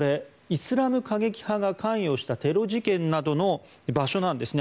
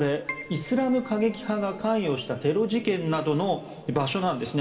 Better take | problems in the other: first | background sound (Keyboard (musical)); 16 dB below the speech // room echo; dies away in 2.3 s

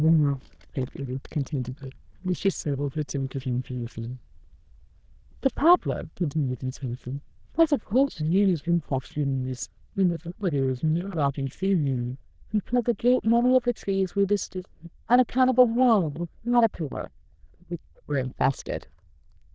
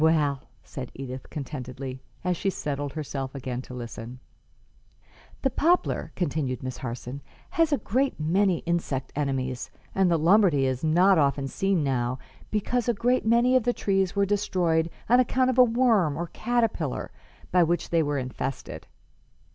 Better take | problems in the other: second | noise reduction (neural diffusion model UNIVERSE++)

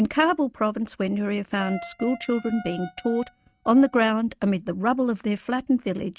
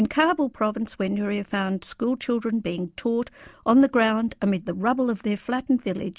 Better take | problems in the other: second | noise reduction (neural mask model RNNoise)

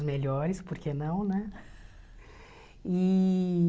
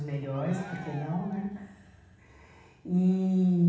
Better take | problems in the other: first | background sound (Cheering); 18 dB below the speech // room echo; dies away in 0.9 s

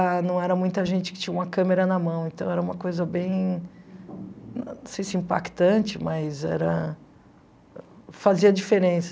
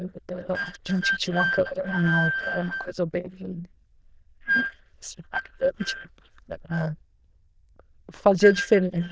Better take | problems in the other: first | noise reduction (neural diffusion model UNIVERSE++)

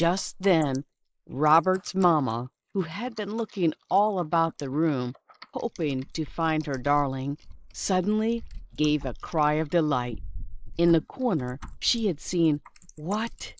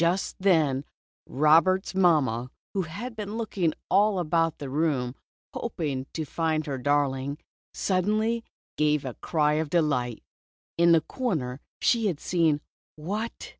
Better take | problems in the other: second | noise reduction (neural mask model Resemble Enhance denoiser)

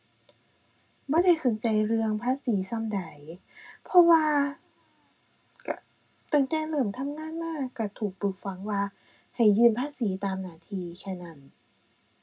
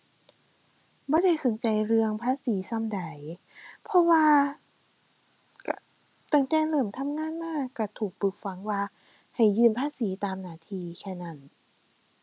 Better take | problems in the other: second | room echo; dies away in 0.2 s

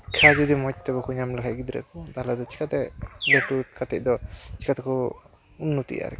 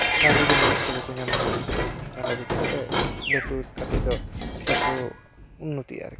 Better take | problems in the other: first | background sound (Dishes, pots, and pans); 3 dB above the speech

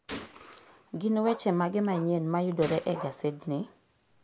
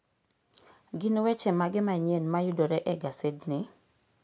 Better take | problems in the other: second | background sound (Gunshot, gunfire + Bark); 15 dB below the speech

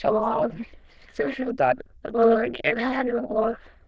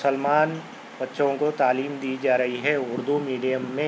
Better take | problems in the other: second | noise reduction (neural diffusion model UNIVERSE++)

